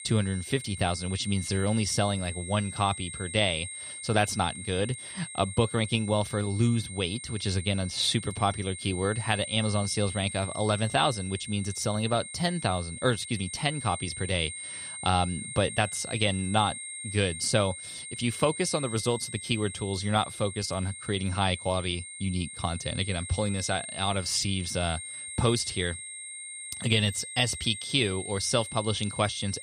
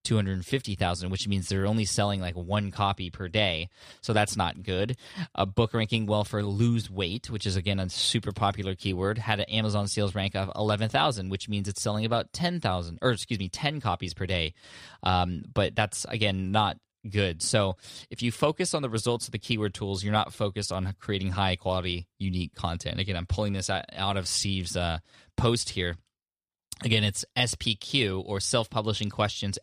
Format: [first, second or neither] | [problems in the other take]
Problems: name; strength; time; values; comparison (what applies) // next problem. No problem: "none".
second | high-pitched whine; loud; throughout; 8.5 kHz, 9 dB below the speech